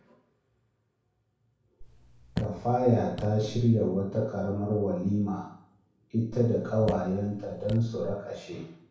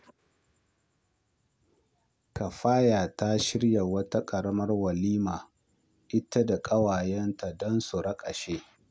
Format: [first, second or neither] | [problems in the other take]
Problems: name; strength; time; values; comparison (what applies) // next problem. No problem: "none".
second | background sound (Raindrop / Drip); 12 dB below the speech // room echo; dies away in 0.6 s